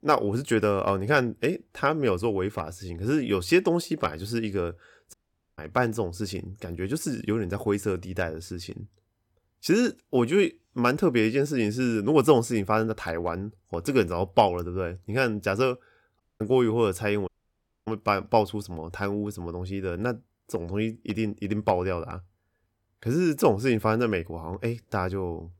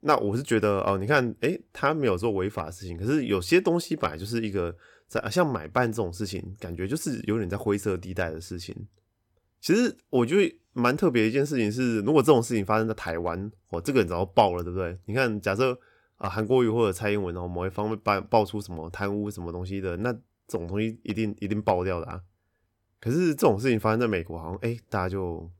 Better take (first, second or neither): second